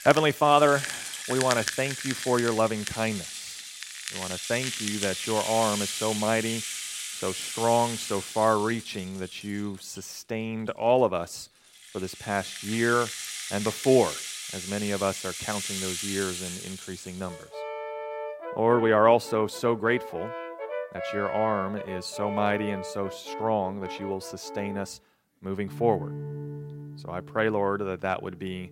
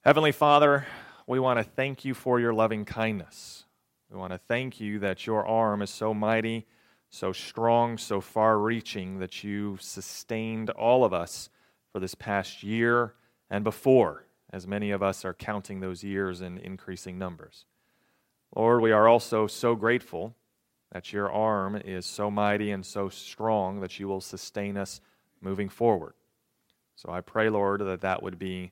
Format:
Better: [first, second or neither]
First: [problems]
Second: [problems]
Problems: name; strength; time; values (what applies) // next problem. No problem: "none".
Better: second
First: background music; loud; throughout; 7 dB below the speech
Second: none